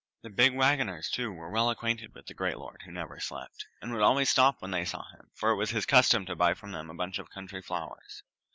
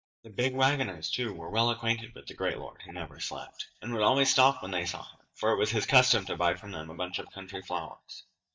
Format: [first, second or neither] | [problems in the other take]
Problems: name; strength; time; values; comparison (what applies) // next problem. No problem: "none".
first | noise reduction (neural mask model DeepFilterNet 3)